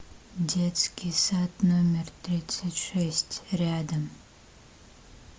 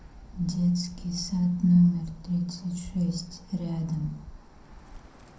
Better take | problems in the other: first | background sound (Bird); 18 dB below the speech // room echo; dies away in 0.5 s

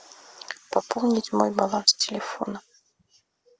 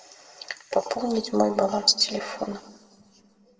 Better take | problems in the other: first | room echo; dies away in 1.2 s

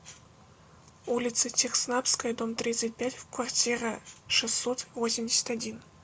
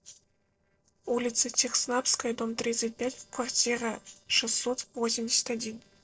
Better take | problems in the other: first | noise reduction (neural separator model SepFormer DNS4)

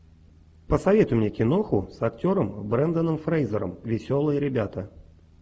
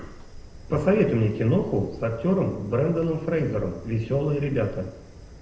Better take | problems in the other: first | background sound (Fire); 18 dB below the speech // room echo; dies away in 0.8 s

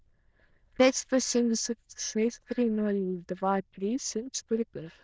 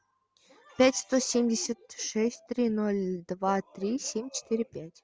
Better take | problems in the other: second | noise reduction (neural diffusion model UNIVERSE++)

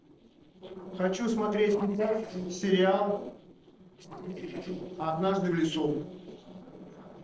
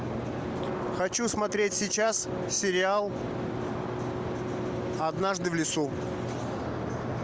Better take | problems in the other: second | noise reduction (neural separator model SepFormer DNS4)

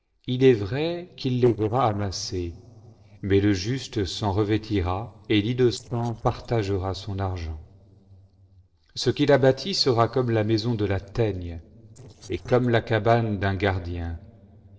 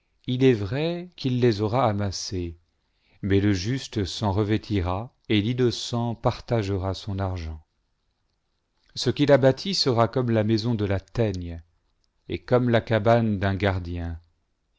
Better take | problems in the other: second | noise reduction (neural separator model SepFormer DNS4)

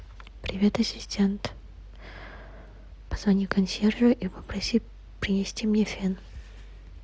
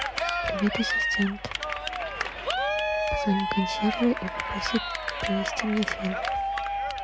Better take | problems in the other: first | background sound (Cheering); 1 dB above the speech

